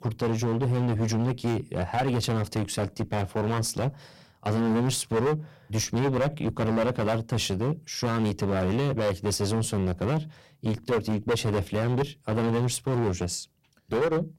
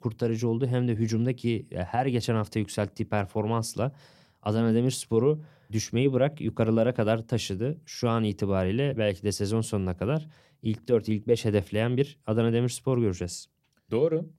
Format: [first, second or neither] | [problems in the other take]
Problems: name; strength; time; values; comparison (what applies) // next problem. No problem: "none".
second | distortion; heavy; 20% of the sound clipped